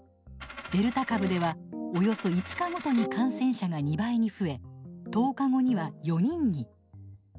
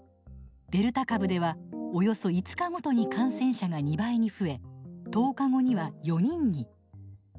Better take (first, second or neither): second